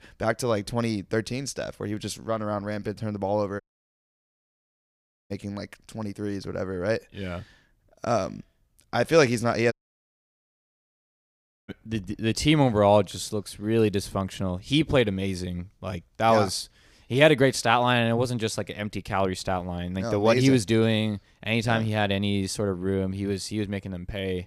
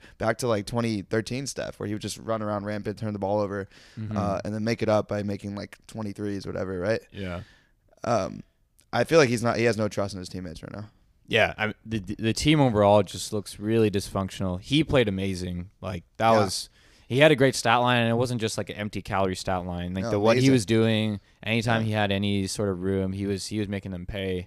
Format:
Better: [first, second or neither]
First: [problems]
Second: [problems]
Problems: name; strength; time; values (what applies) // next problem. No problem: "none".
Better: second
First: audio cutting out; at 3.5 s for 1.5 s and at 9.5 s for 2 s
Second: none